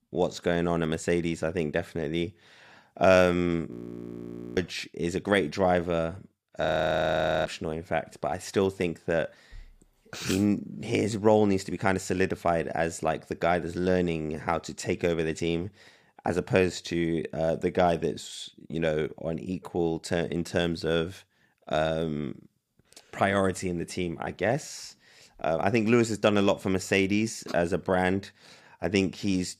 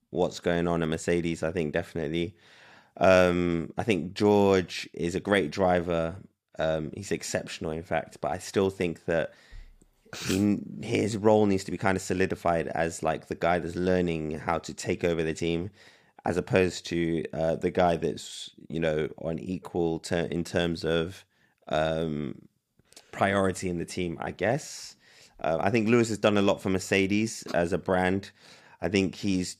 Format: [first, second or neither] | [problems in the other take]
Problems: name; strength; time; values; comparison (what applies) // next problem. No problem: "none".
second | audio freezing; at 3.5 s for 1 s and at 6.5 s for 1 s